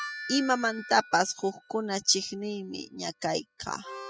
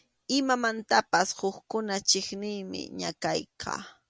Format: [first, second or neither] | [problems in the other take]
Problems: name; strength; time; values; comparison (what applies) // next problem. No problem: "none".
second | noise reduction (classical method spectral subtraction)